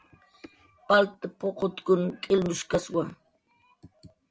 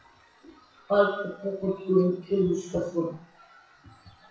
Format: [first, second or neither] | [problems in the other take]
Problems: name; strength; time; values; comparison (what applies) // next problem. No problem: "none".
first | noise reduction (classical method WPE with log-MMSE)